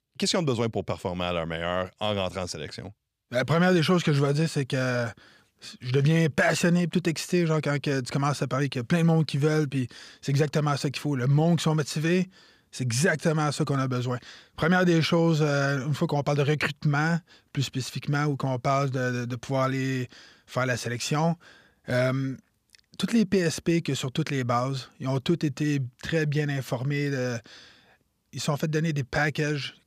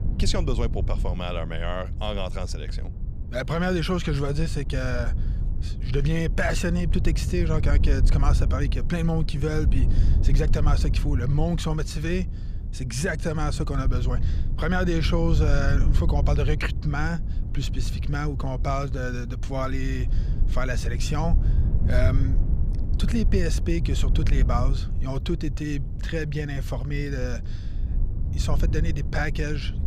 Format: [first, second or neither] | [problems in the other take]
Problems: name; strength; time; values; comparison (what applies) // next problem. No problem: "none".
first | wind noise on the microphone; occasional gusts; 10 dB below the speech